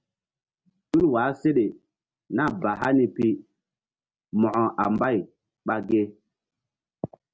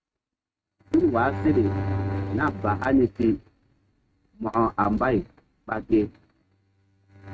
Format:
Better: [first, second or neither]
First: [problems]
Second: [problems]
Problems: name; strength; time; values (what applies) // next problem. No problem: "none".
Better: first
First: none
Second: noise reduction (neural mask model RNNoise)